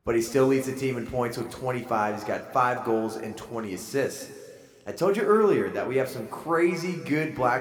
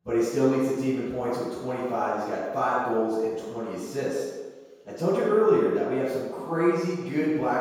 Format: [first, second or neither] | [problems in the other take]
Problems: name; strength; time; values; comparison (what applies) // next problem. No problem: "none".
first | room echo; strong; dies away in 1.2 s; slight in the first // off-mic speech; far